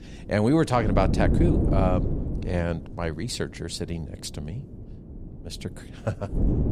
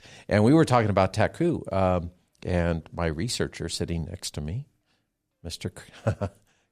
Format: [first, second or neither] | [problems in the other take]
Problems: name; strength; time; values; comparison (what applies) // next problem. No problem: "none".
second | wind noise on the microphone; heavy; 5 dB below the speech